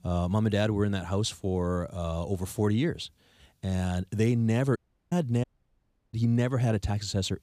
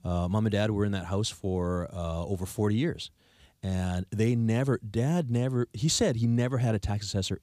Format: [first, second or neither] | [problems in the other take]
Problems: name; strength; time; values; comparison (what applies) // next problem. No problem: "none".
second | audio cutting out; at 5 s and at 5.5 s for 0.5 s